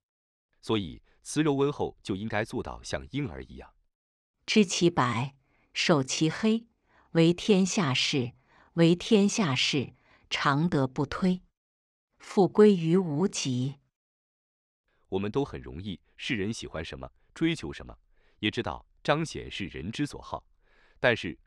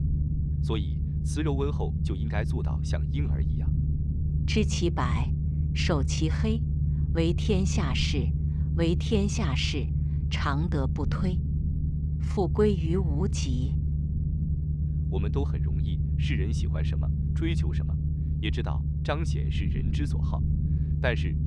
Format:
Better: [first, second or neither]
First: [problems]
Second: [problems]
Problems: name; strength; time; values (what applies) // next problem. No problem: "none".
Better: first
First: none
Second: low rumble; loud; throughout; 7 dB below the speech